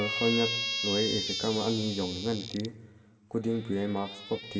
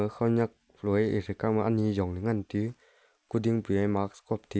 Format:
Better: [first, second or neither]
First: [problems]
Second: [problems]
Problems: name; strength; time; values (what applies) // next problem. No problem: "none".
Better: second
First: background sound (Squeak); 4 dB below the speech // room echo; dies away in 1.6 s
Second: none